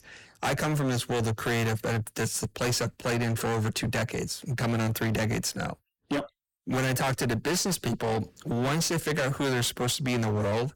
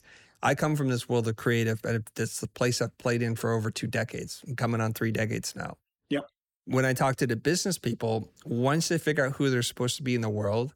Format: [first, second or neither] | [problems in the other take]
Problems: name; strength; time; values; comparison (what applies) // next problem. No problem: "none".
second | distortion; heavy; 28% of the sound clipped